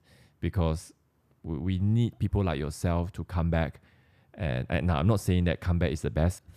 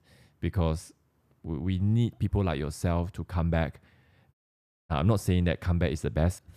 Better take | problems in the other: first | audio cutting out; at 4.5 s for 0.5 s

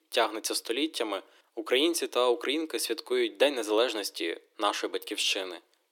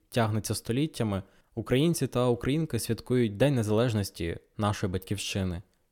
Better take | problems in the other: second | thin; very; fading below 300 Hz

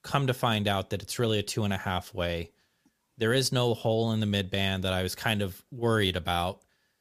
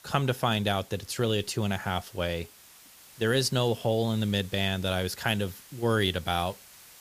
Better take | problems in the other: first | hiss; faint; throughout; 20 dB below the speech

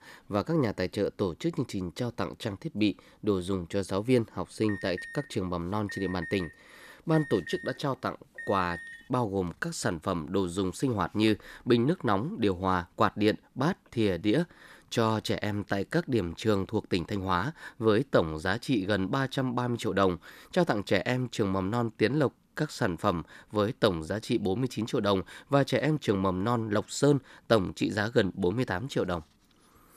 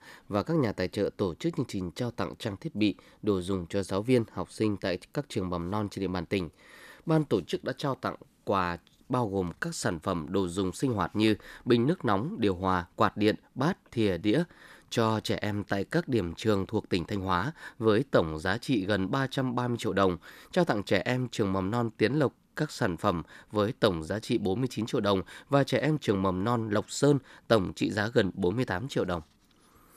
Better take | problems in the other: second | alarm; faint; from 4.5 to 9 s; peak 10 dB below the speech

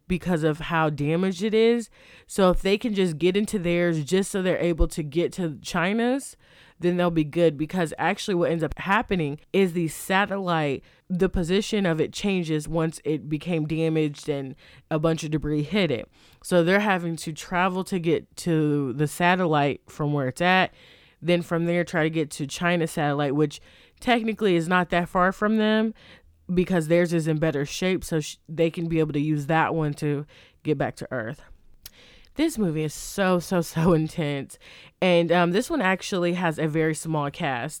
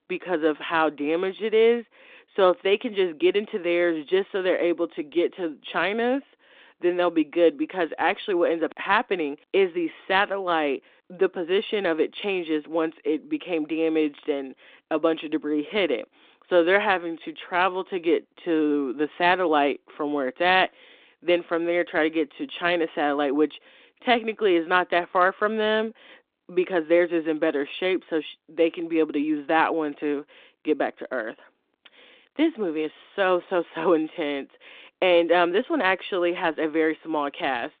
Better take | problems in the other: first | phone-call audio

